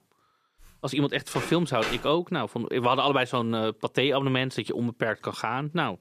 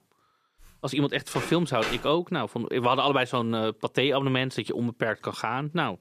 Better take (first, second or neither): neither